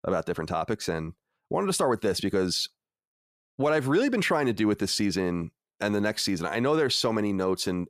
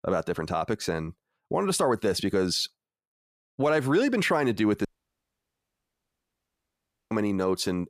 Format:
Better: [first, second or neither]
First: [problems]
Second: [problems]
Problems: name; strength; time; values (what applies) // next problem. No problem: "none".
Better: first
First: none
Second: audio cutting out; at 5 s for 2.5 s